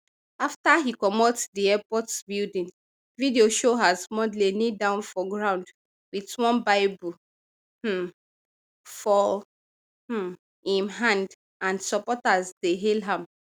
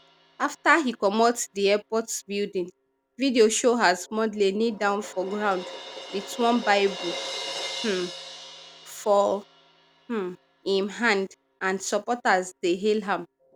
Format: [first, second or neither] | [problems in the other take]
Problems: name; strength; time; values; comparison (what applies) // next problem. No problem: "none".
first | background sound (Crash cymbal); 15 dB below the speech